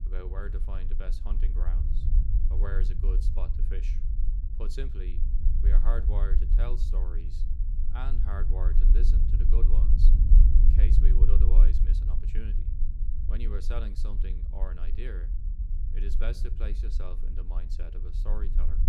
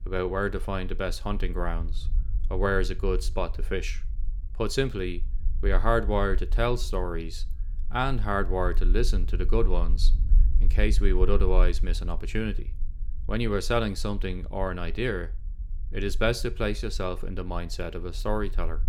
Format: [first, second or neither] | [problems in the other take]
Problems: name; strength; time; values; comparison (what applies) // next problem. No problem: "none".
second | low rumble; loud; throughout; 4 dB below the speech; faint in the second